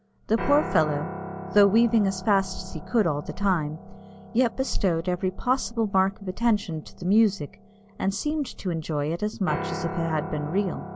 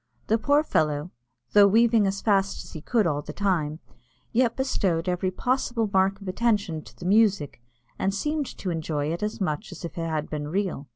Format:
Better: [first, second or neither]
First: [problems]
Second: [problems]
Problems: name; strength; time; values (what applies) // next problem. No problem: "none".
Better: second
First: background sound (Piano); 12 dB below the speech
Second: none